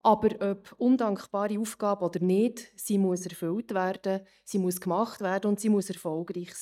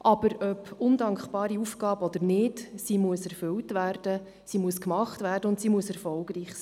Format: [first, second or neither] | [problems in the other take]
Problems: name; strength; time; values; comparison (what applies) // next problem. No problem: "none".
second | noise reduction (neural mask model DeepFilterNet 3)